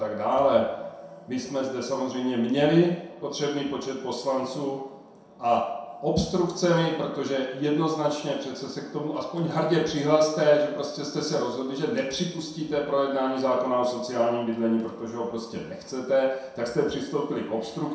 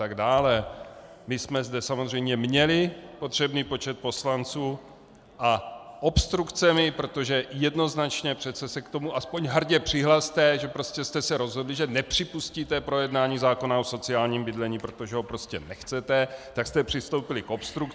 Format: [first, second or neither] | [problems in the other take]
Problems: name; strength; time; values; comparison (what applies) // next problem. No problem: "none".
second | room echo; dies away in 0.7 s